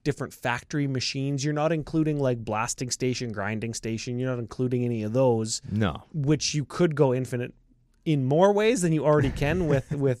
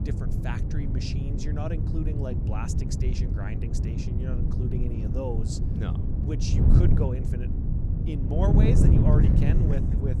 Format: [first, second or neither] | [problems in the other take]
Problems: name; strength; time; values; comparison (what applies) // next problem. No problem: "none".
first | wind noise on the microphone; heavy; 1 dB above the speech